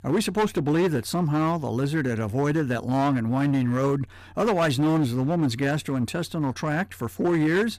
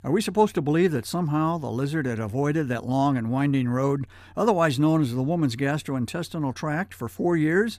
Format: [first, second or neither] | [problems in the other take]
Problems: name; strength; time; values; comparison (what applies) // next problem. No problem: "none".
second | distortion; slight; 10% of the sound clipped